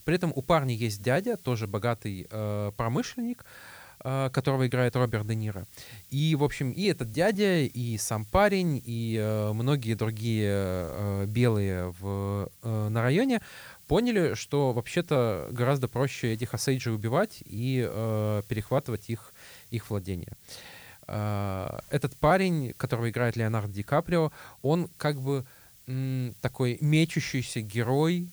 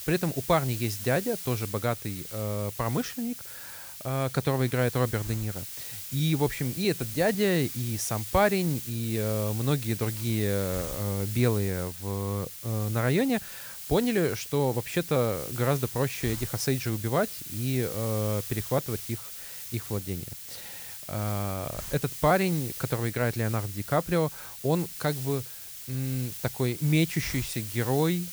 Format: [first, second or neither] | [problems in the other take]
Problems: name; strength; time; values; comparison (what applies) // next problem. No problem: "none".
first | hiss; loud; throughout; 8 dB below the speech; faint in the first